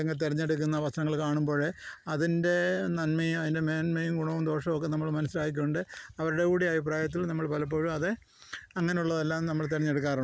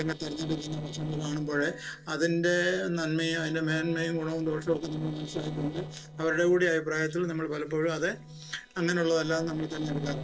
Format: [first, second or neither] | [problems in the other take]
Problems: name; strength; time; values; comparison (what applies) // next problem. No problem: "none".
first | noise reduction (neural separator model SepFormer DNS4)